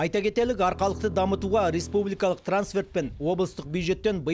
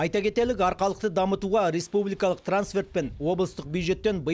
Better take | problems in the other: second | background sound (Bowed string instrument); 14 dB below the speech

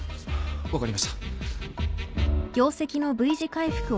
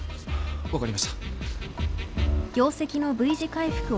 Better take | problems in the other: first | background sound (Accelerating, revving, vroom); 18 dB below the speech

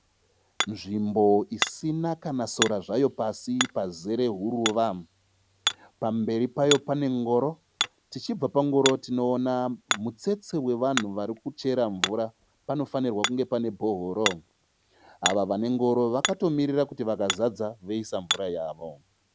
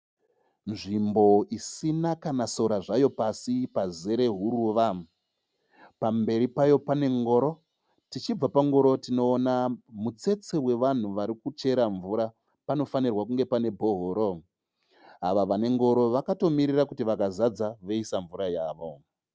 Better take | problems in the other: second | background sound (Hammer); 8 dB below the speech

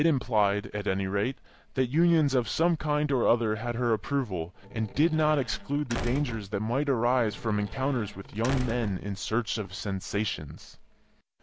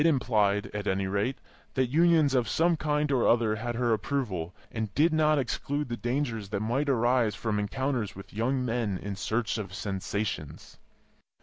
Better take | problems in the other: second | background sound (Squeak / Slam / Wood); 10 dB below the speech

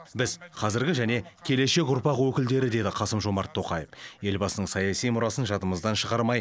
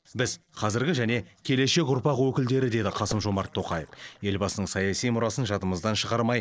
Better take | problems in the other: first | noise reduction (neural separator model SepFormer DNS4)

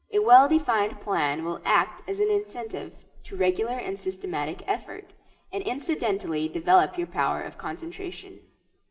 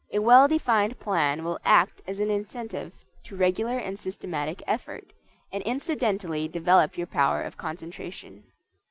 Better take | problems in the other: second | room echo; dies away in 0.8 s

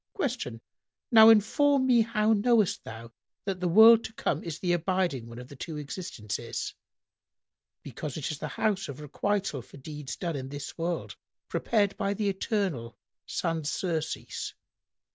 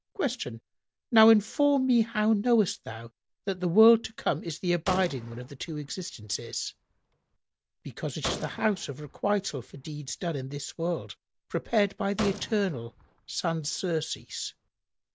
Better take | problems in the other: first | background sound (Gunshot, gunfire); 14 dB below the speech

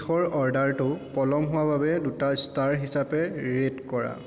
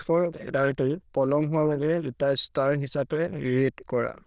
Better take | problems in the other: first | noise reduction (neural diffusion model UNIVERSE++)

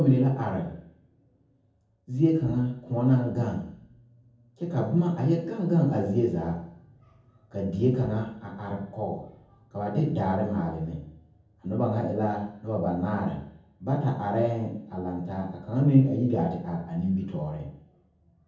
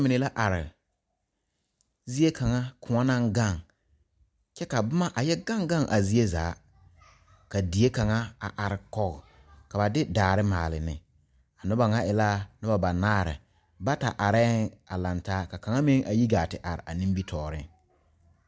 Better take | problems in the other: second | room echo; dies away in 0.7 s

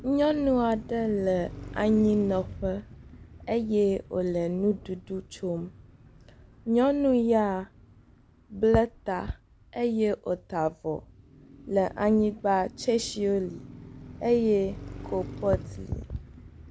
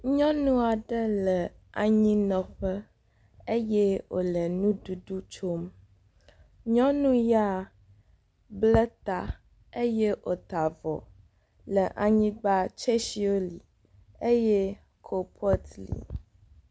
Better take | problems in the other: second | background sound (Car passing by); 17 dB below the speech

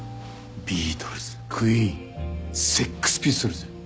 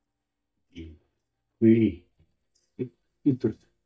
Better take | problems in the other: first | noise reduction (neural mask model DeepFilterNet 3)

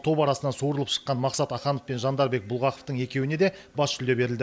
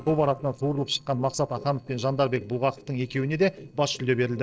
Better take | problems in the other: first | noise reduction (neural separator model SepFormer DNS4)

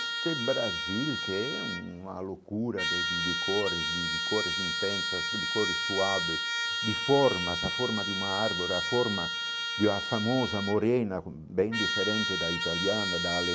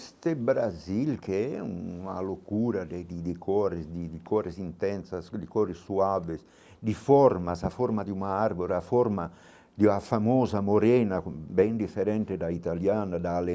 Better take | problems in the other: second | background sound (Trumpet); 1 dB below the speech

